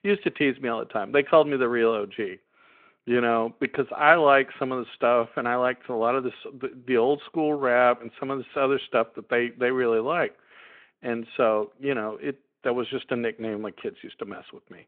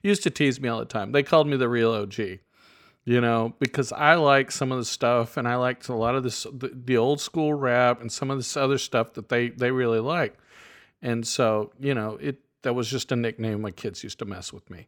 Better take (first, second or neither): second